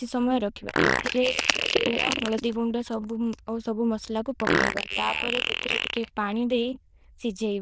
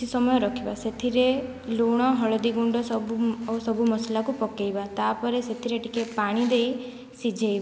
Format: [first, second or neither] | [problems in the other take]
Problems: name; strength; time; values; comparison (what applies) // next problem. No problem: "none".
second | noise reduction (neural diffusion model UNIVERSE++)